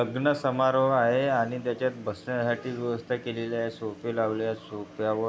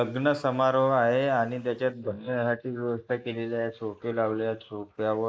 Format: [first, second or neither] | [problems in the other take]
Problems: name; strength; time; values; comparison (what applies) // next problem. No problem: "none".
first | noise reduction (neural mask model Resemble Enhance denoiser)